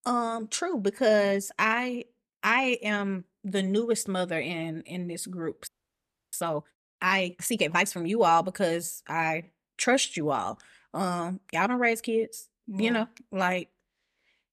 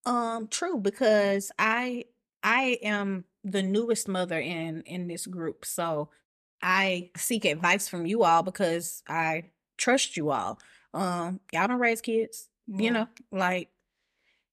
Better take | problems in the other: second | audio freezing; at 5.5 s for 0.5 s

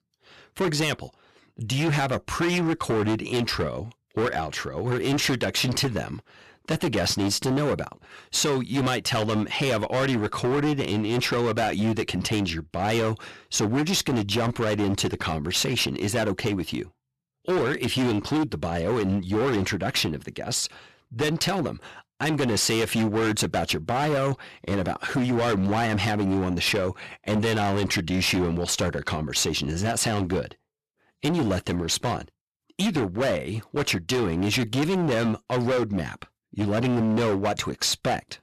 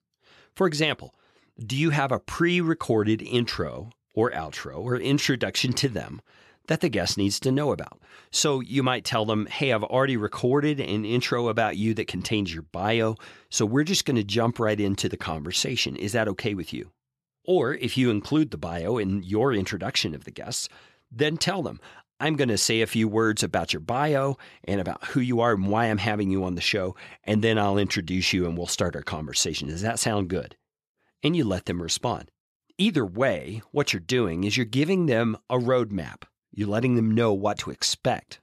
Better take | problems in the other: second | distortion; heavy; 19% of the sound clipped

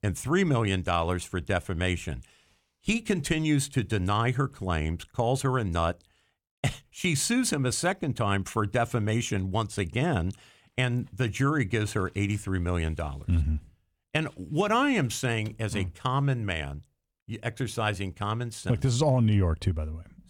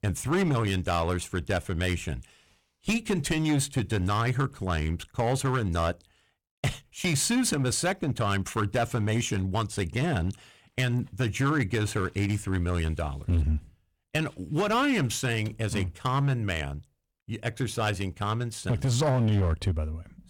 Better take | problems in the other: first | distortion; slight; 8% of the sound clipped

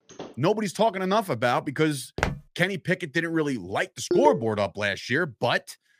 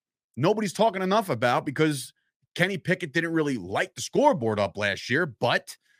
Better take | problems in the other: second | door banging; faint; at the start; peak 15 dB below the speech // footsteps; noticeable; at 2 s; peak 4 dB below the speech // phone ringing; loud; at 4 s; peak level with the speech

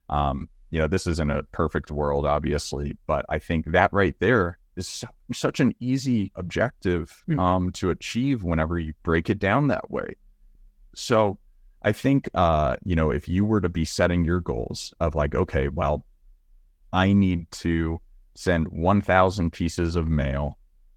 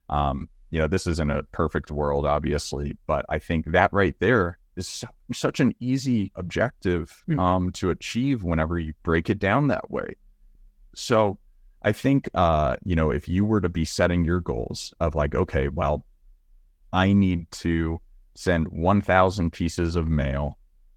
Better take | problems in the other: neither | garbled, watery; slightly; nothing above 18 kHz; the same in both

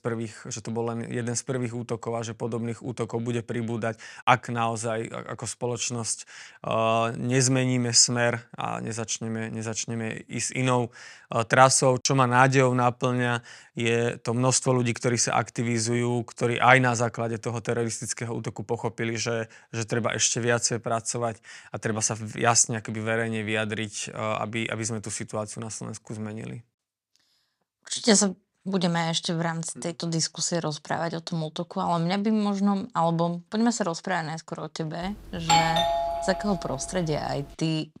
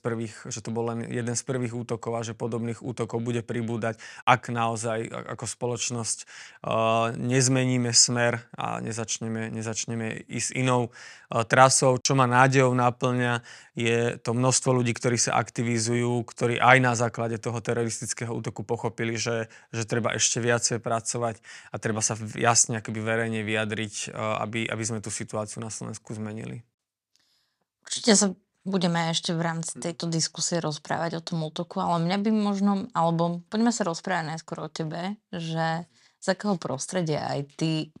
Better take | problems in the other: second | doorbell; loud; from 35 to 37 s; peak 5 dB above the speech

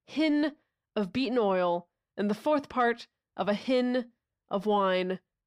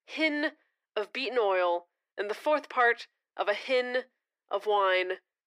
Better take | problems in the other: first | thin; somewhat; fading below 350 Hz

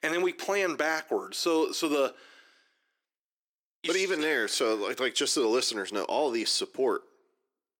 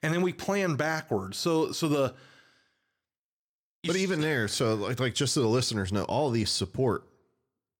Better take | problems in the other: second | thin; somewhat; fading below 350 Hz

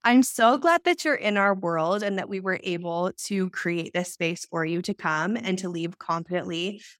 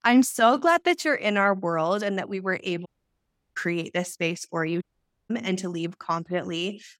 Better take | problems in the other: first | audio cutting out; at 3 s for 0.5 s and at 5 s

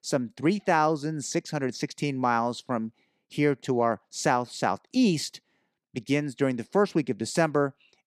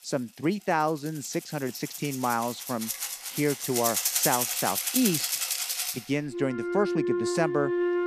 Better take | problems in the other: first | background music; very loud; throughout; 1 dB above the speech

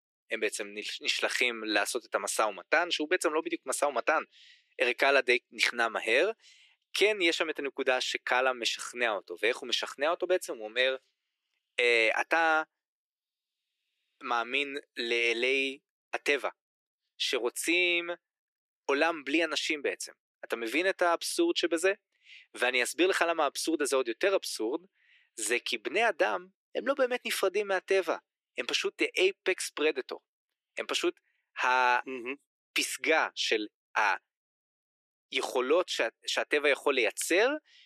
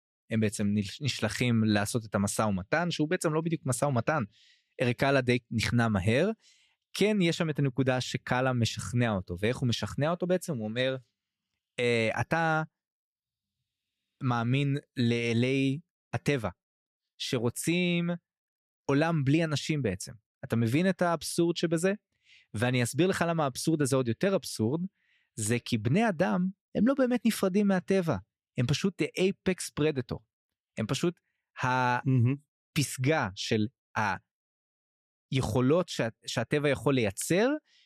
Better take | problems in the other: second | thin; very; fading below 350 Hz

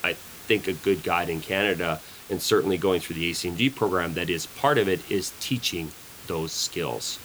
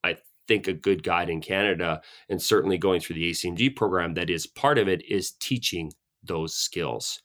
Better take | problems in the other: second | hiss; noticeable; throughout; 15 dB below the speech

